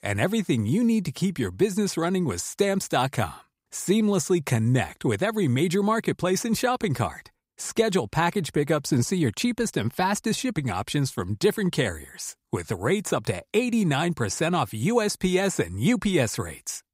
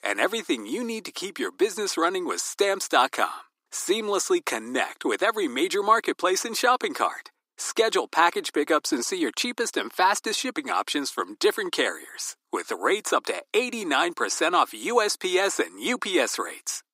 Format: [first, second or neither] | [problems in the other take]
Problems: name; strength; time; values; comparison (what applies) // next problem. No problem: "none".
first | thin; very; fading below 300 Hz